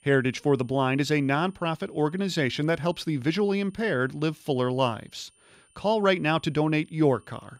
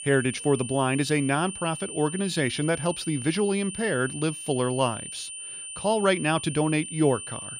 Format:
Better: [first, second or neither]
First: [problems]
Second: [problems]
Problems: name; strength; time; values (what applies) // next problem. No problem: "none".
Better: first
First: high-pitched whine; faint; throughout; 9 kHz, 35 dB below the speech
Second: high-pitched whine; loud; throughout; 9 kHz, 9 dB below the speech